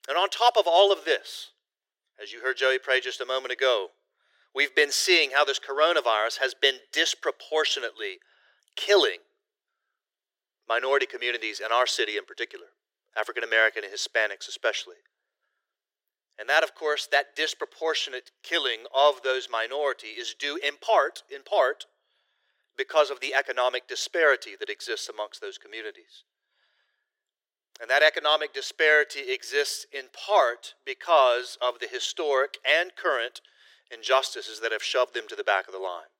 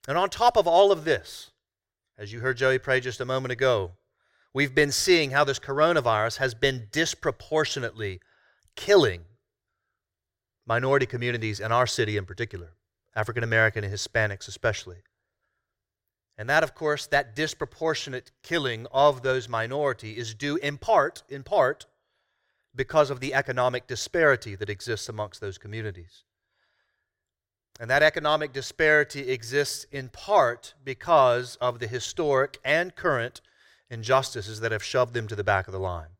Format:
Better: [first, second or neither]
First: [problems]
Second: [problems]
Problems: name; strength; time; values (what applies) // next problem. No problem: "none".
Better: second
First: thin; very; fading below 350 Hz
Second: none